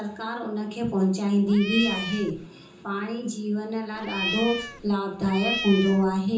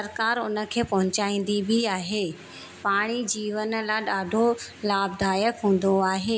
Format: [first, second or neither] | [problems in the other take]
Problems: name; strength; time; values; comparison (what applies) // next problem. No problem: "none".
second | background sound (Cat); 7 dB below the speech // room echo; dies away in 0.6 s